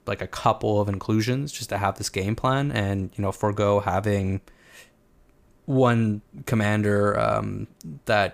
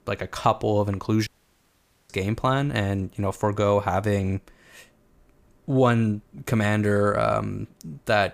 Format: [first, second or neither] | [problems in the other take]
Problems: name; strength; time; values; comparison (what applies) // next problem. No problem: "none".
first | audio cutting out; at 1.5 s for 1 s